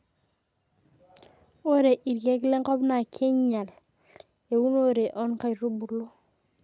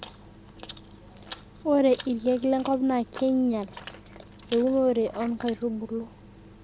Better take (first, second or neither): first